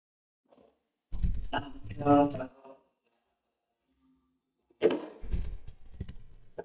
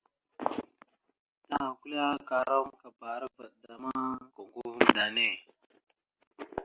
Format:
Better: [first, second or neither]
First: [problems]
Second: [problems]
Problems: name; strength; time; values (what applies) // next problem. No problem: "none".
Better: second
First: noise reduction (neural mask model DeepFilterNet 3)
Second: none